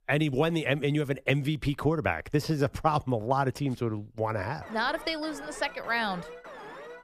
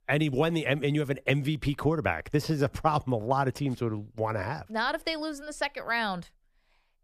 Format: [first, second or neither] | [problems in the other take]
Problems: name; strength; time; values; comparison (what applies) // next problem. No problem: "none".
second | alarm; faint; from 4.5 s on; peak 15 dB below the speech